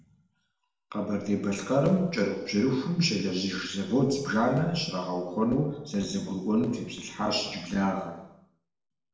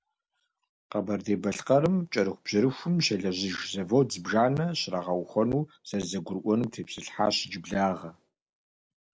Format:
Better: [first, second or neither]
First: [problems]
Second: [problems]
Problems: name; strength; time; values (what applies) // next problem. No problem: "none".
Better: second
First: room echo; dies away in 0.9 s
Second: none